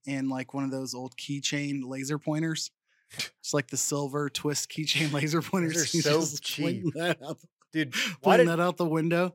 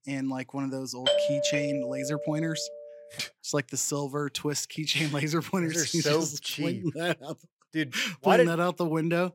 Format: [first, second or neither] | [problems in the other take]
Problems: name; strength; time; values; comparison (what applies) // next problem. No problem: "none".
first | doorbell; loud; from 1 to 2.5 s; peak 4 dB above the speech